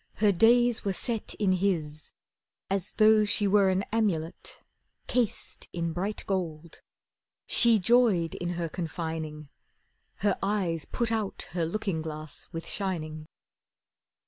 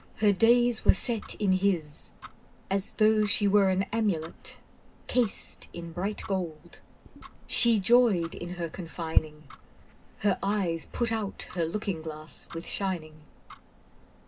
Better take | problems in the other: first | background sound (Tick-tock); 8 dB below the speech // room echo; dies away in 0.2 s

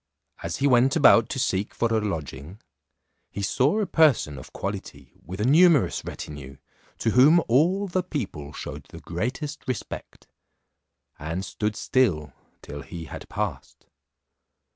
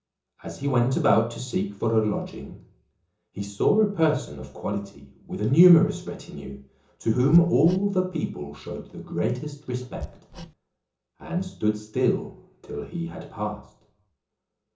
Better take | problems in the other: first | background sound (Hammer); 16 dB below the speech // room echo; dies away in 0.6 s

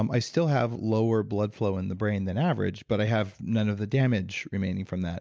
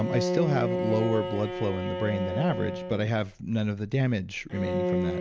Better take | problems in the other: first | background sound (Bowed string instrument); 3 dB below the speech

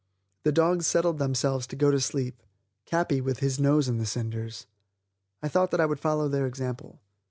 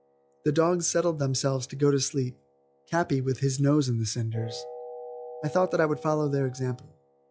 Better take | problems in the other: first | noise reduction (classical method log-MMSE)

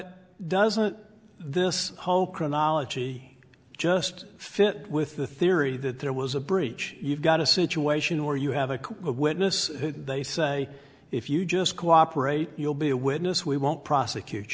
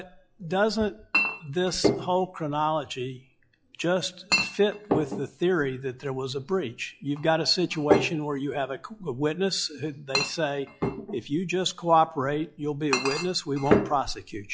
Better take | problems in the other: first | noise reduction (classical method log-MMSE)

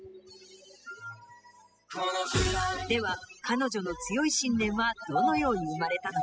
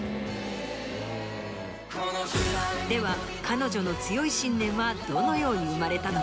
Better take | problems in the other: second | noise reduction (classical method spectral subtraction)

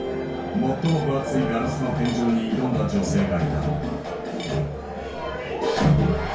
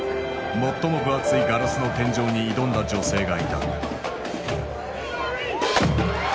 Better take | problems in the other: second | background sound (Cutlery, silverware / Dishes, pots, and pans); 20 dB below the speech // room echo; dies away in 0.2 s

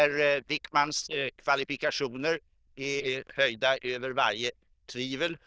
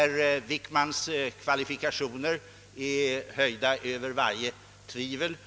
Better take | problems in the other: second | noise reduction (neural diffusion model UNIVERSE++)

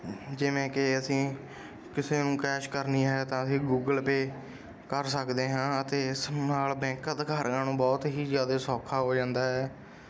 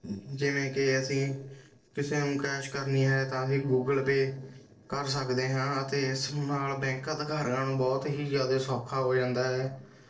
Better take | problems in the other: first | noise reduction (neural separator model SepFormer DNS4)

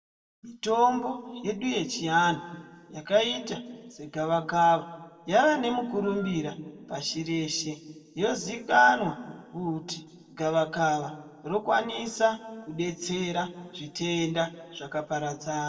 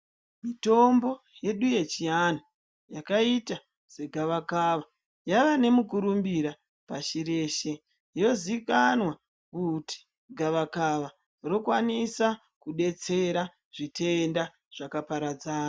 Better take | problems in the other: second | noise reduction (neural separator model SepFormer DNS4)

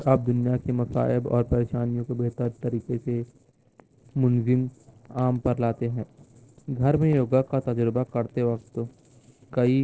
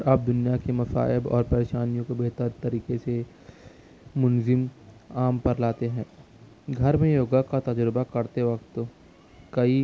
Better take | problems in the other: second | noise reduction (neural separator model SepFormer DNS4)

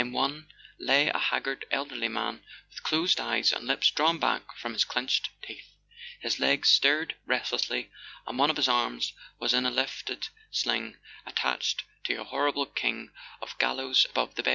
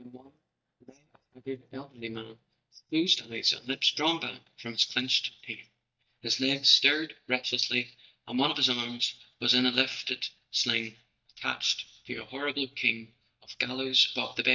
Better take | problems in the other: first | noise reduction (neural mask model DeepFilterNet 3)

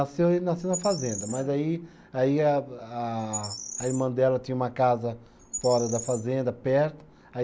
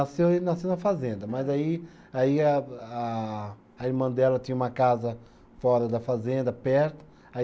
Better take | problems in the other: second | background sound (Bird); 13 dB below the speech

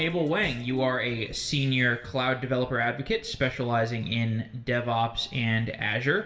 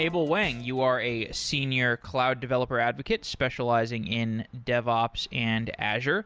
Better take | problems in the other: second | background sound (Brass instrument); 19 dB below the speech // room echo; dies away in 0.7 s

